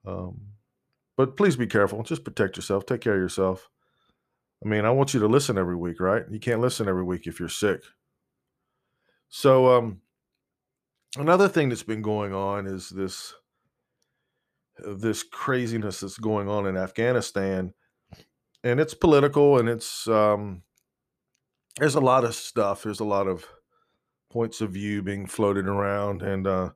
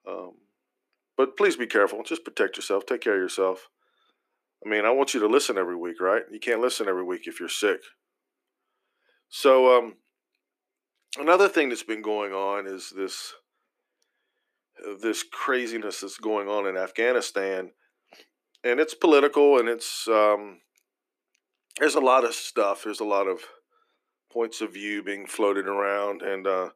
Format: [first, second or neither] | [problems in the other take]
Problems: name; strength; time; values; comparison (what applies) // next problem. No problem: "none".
first | thin; somewhat; fading below 300 Hz